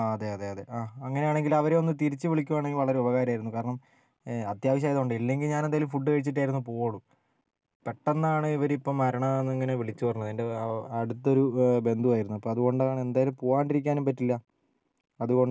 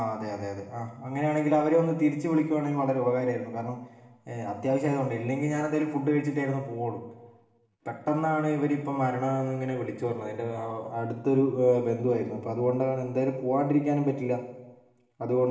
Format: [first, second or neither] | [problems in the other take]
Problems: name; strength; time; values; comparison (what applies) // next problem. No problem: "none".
first | room echo; dies away in 1 s